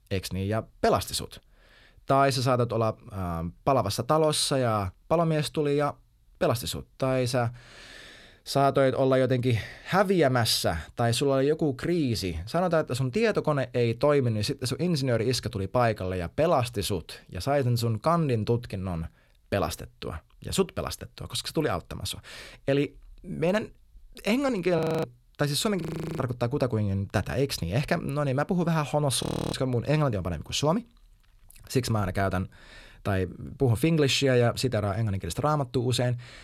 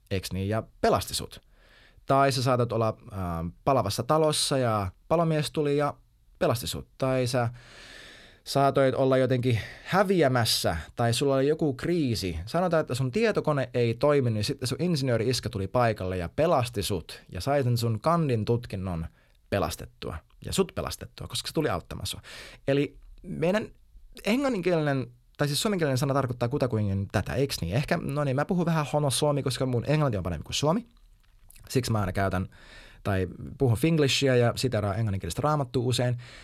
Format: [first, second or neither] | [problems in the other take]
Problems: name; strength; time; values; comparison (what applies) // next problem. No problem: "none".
second | audio freezing; at 25 s, at 26 s and at 29 s